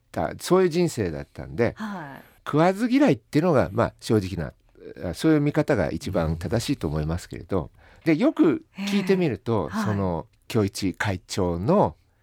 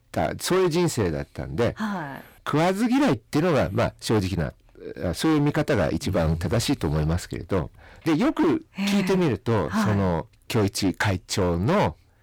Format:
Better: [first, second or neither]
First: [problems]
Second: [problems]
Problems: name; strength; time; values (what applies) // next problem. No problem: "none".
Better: first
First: none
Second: distortion; heavy; 15% of the sound clipped